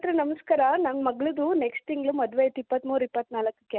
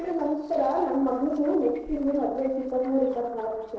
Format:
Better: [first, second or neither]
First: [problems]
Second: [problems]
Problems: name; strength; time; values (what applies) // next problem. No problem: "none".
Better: first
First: none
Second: noise reduction (neural separator model SepFormer DNS4)